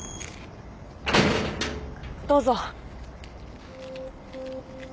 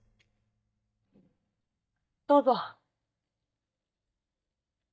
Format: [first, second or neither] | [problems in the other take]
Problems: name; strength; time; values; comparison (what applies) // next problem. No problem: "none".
first | noise reduction (neural mask model DeepFilterNet 3)